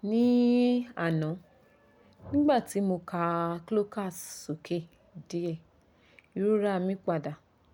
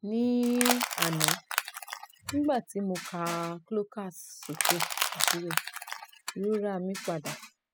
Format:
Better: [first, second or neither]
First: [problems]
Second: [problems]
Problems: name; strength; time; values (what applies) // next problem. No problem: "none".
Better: first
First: none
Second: noise reduction (classical method spectral subtraction)